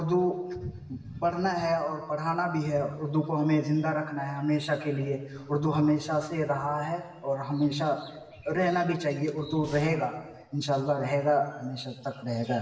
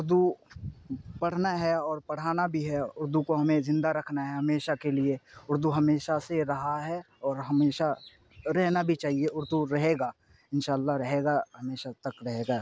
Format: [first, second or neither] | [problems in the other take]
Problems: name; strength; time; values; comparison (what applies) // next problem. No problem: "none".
second | background sound (Breathing); 16 dB below the speech // room echo; dies away in 1.1 s